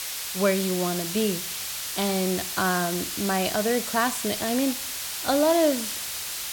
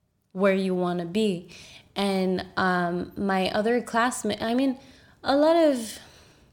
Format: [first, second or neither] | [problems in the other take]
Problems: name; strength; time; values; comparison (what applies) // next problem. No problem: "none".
second | hiss; loud; throughout; 4 dB below the speech